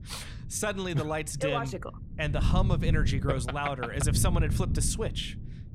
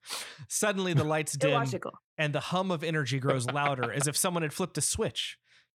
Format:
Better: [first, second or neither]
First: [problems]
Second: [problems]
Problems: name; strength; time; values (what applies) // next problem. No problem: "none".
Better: second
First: wind noise on the microphone; occasional gusts; 10 dB below the speech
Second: none